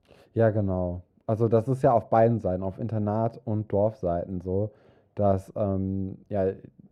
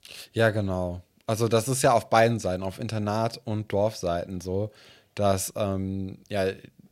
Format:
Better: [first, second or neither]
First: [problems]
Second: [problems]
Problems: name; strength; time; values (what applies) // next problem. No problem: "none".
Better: second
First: muffled; very; fading above 1.5 kHz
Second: none